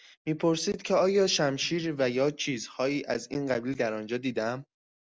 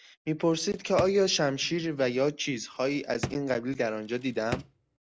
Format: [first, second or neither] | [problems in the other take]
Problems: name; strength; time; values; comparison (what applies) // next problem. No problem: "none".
first | background sound (Drawer open or close); 12 dB below the speech